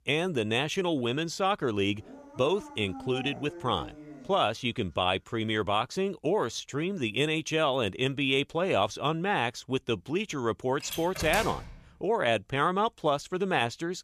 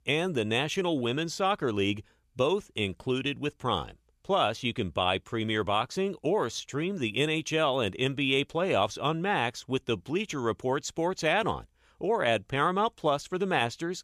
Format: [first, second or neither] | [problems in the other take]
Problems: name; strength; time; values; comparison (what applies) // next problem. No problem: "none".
second | dog barking; faint; from 2 to 4.5 s; peak 10 dB below the speech // door banging; noticeable; at 11 s; peak 5 dB below the speech